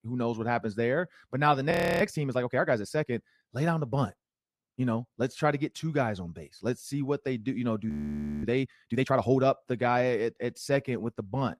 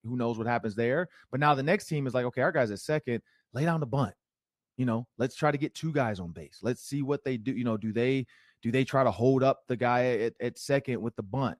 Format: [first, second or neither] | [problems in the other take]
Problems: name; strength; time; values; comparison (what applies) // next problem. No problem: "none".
second | audio freezing; at 1.5 s and at 8 s for 0.5 s